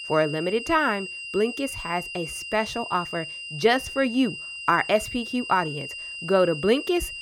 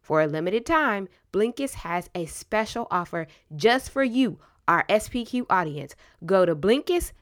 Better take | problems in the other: second | high-pitched whine; loud; throughout; 3 kHz, 8 dB below the speech

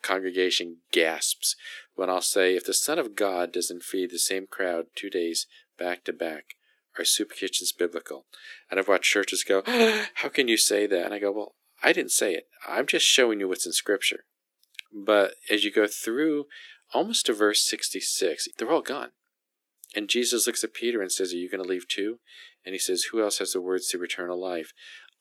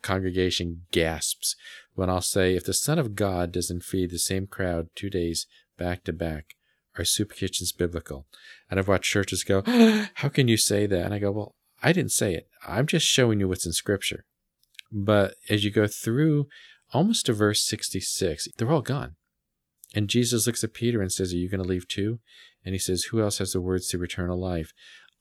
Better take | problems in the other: second | thin; somewhat; fading below 300 Hz

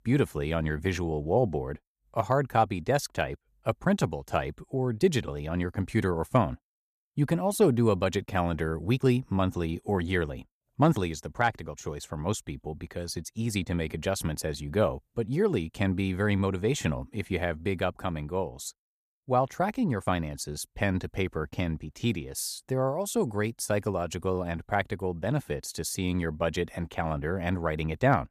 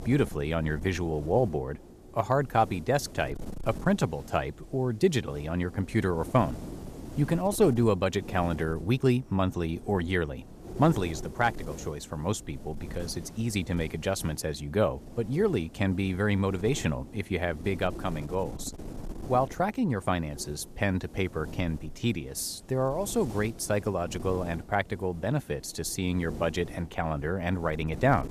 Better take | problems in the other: first | wind noise on the microphone; occasional gusts; 20 dB below the speech

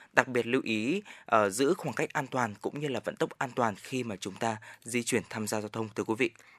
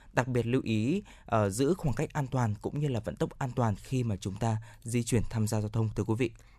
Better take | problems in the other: second | thin; somewhat; fading below 250 Hz

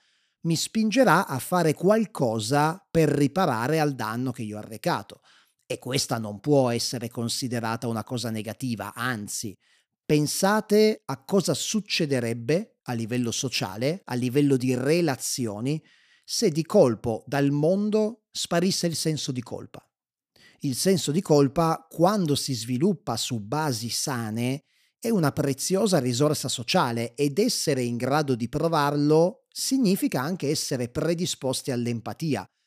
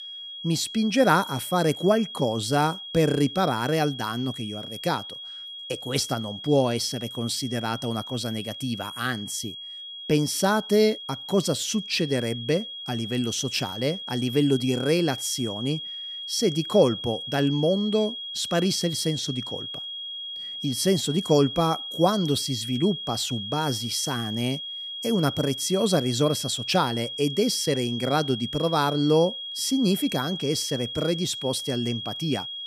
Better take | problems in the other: first | high-pitched whine; loud; throughout; 3.5 kHz, 8 dB below the speech

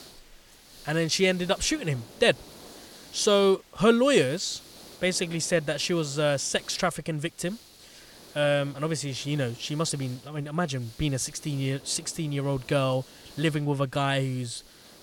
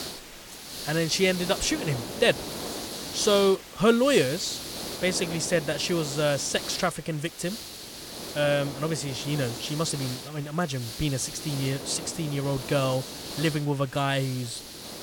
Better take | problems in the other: first | hiss; loud; throughout; 9 dB below the speech; faint in the first

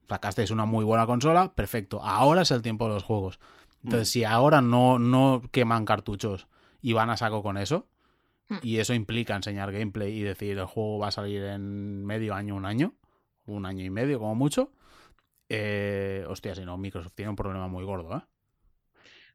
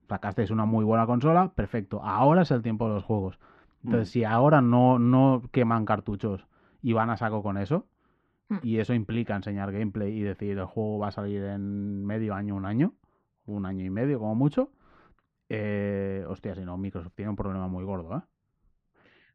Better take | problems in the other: first | muffled; very; fading above 2 kHz

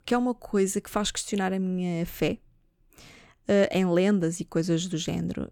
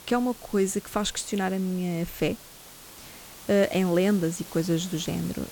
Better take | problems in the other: first | hiss; noticeable; throughout; 15 dB below the speech

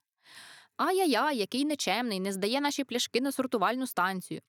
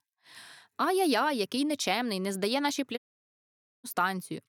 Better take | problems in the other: first | audio cutting out; at 3 s for 1 s

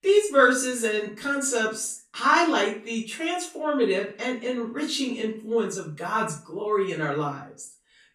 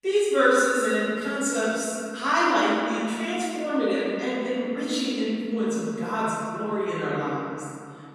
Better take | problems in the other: first | room echo; strong; dies away in 2.3 s; slight in the first // off-mic speech; far; far in the first

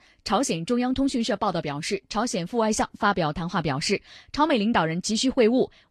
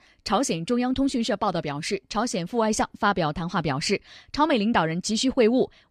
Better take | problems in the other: second | garbled, watery; slightly; nothing above 12.5 kHz

